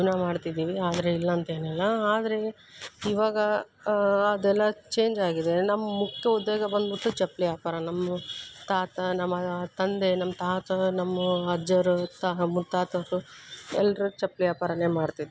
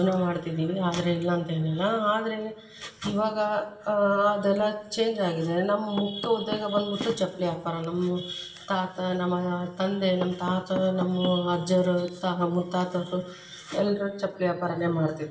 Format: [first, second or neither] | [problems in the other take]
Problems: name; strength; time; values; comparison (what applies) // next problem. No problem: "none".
first | background sound (Knock / Wood); 15 dB below the speech // room echo; dies away in 0.8 s